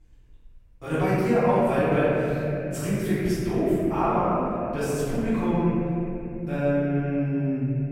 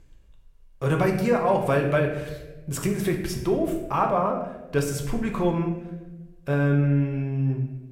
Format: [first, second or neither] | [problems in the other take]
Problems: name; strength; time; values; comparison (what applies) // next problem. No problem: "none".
second | room echo; strong; dies away in 3 s; slight in the second // off-mic speech; far